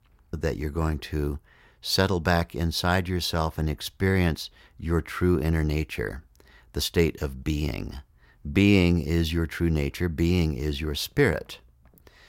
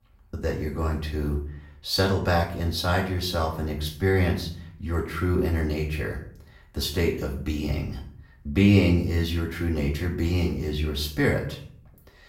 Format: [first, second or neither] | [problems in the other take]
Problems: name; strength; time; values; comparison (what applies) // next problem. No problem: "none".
first | room echo; slight; dies away in 0.5 s // off-mic speech; far